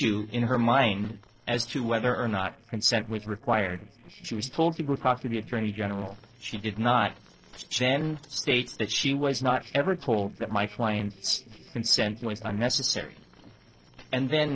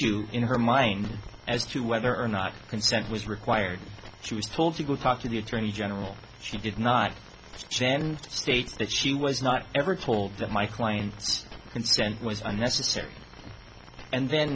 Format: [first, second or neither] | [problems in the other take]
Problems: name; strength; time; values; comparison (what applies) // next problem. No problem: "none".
second | noise reduction (neural separator model SepFormer DNS4)